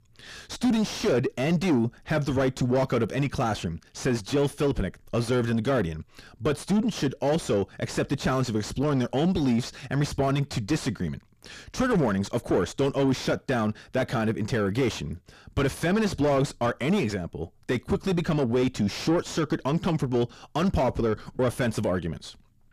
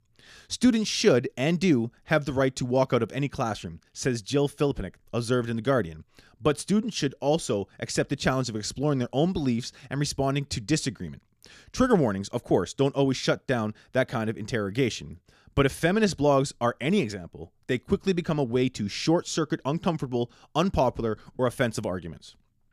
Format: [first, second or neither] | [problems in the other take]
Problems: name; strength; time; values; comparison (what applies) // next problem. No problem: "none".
second | distortion; heavy; 6 dB below the speech